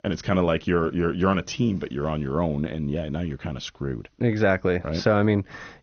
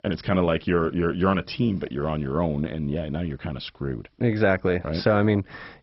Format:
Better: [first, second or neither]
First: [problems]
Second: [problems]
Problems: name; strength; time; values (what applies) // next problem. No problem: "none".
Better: first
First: garbled, watery; slightly; nothing above 6.5 kHz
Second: garbled, watery; badly; nothing above 5.5 kHz